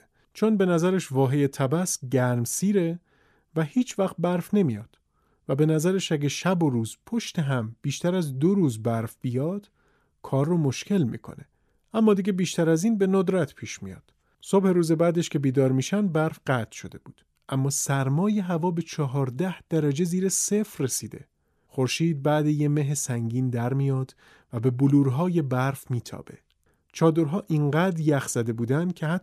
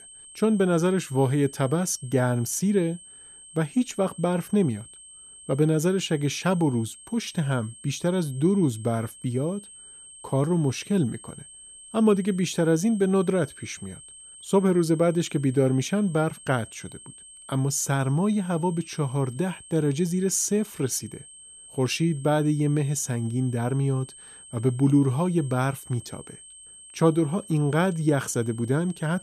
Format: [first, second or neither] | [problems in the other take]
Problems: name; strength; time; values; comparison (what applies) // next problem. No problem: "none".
first | high-pitched whine; noticeable; throughout; 8.5 kHz, 20 dB below the speech